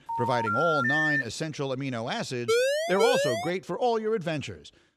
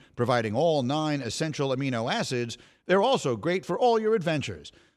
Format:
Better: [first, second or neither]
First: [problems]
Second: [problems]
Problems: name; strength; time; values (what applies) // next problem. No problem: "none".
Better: second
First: phone ringing; loud; until 1 s; peak 6 dB above the speech // siren; loud; from 2.5 to 3.5 s; peak 5 dB above the speech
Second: none